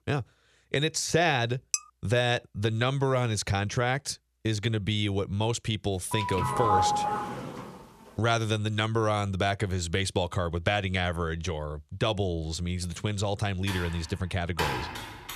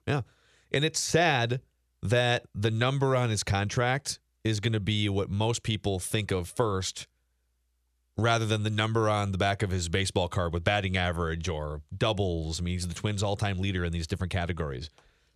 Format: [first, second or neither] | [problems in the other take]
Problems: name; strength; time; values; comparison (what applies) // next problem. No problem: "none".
second | clattering dishes; very faint; at 1.5 s; peak 2 dB below the speech // doorbell; loud; from 6 to 7.5 s; peak 4 dB above the speech // keyboard typing; noticeable; from 14 s on; peak 2 dB below the speech